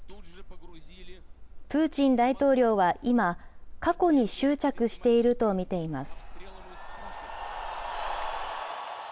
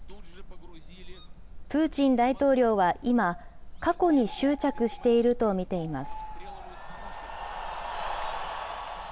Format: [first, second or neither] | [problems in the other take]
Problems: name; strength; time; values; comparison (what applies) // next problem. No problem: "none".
first | background sound (Bird); 20 dB below the speech